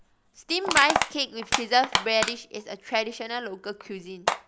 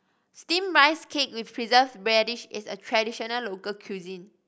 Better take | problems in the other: second | background sound (Crushing); 3 dB below the speech

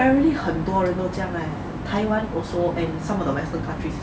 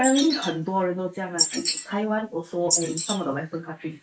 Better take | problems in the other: first | noise reduction (neural mask model Resemble Enhance denoiser)

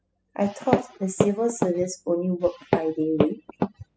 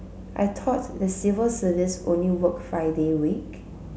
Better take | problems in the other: second | noise reduction (classical method spectral subtraction)

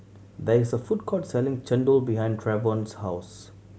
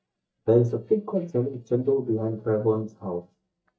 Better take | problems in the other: first | noise reduction (neural mask model DeepFilterNet 3)

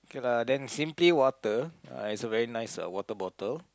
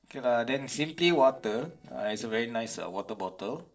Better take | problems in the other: first | noise reduction (neural separator model SepFormer DNS4)

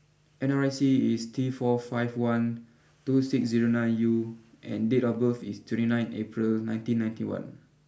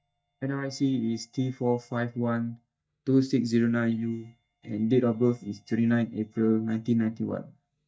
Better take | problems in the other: first | noise reduction (neural mask model DeepFilterNet 3)

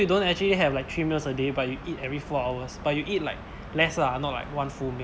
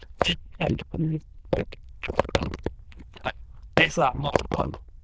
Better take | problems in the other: first | noise reduction (neural diffusion model UNIVERSE++)

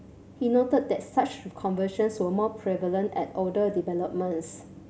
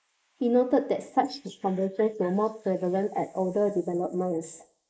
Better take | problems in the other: first | noise reduction (neural mask model Resemble Enhance denoiser)

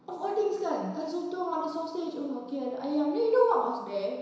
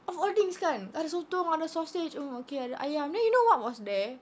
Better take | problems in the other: second | room echo; dies away in 1 s

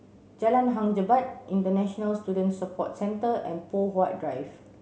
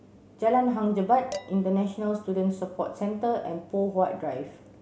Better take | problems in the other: first | background sound (Dishes, pots, and pans); 18 dB below the speech

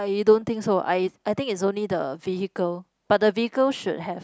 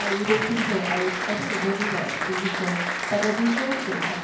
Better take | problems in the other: first | background sound (Applause); 1 dB below the speech // room echo; dies away in 0.9 s

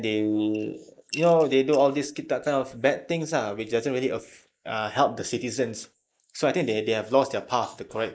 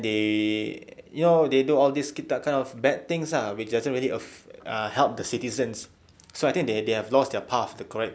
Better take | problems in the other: second | noise reduction (neural mask model Resemble Enhance denoiser)

